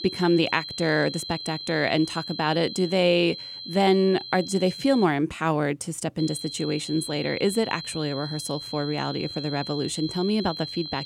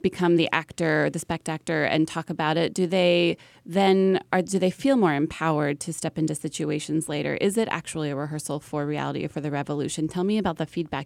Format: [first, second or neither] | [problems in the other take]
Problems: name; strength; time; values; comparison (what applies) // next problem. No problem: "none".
second | high-pitched whine; loud; until 5 s and from 6 s on; 4 kHz, 9 dB below the speech